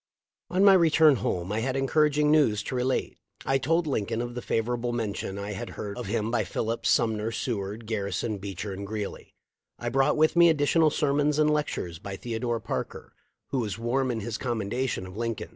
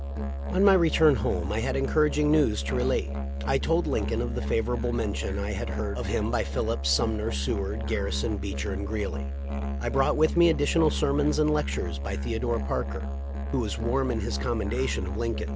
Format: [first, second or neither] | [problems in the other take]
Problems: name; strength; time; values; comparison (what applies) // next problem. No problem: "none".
first | background sound (Musical instrument); 3 dB below the speech